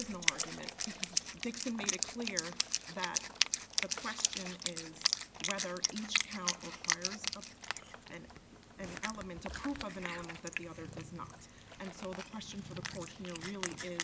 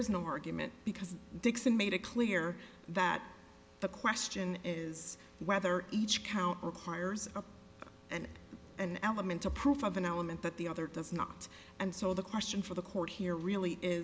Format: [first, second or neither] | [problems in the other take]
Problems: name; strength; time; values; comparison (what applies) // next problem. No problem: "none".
second | background sound (Wind instrument, woodwind instrument); 5 dB above the speech